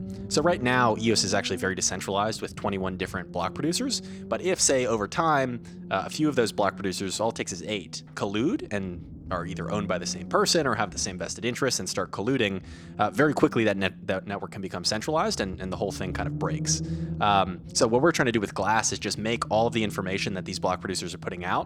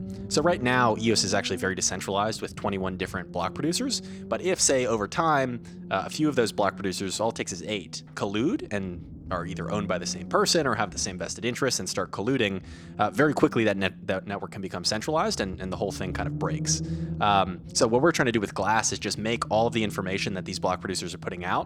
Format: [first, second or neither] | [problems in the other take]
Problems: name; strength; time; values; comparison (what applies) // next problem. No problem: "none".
neither | low rumble; faint; throughout; 20 dB below the speech; the same in both